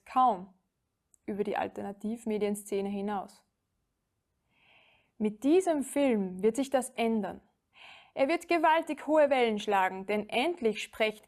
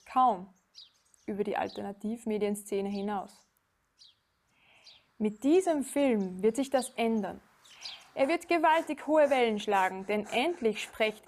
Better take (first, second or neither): first